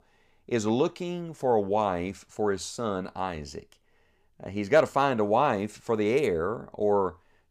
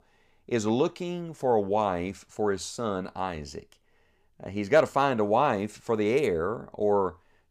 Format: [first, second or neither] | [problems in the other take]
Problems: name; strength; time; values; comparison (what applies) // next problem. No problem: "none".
neither | none